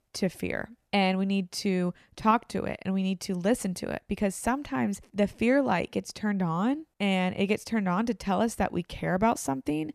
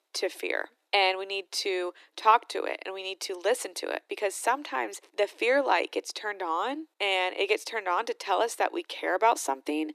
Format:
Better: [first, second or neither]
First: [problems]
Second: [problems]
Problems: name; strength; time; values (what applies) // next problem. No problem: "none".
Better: first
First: none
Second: thin; very; fading below 300 Hz